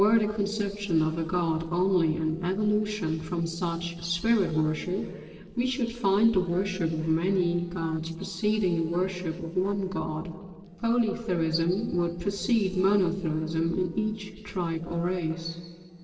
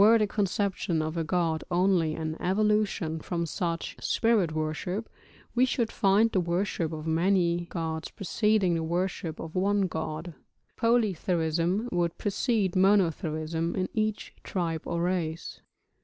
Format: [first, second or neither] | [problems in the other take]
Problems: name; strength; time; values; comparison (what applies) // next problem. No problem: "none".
second | noise reduction (neural separator model SepFormer DNS4)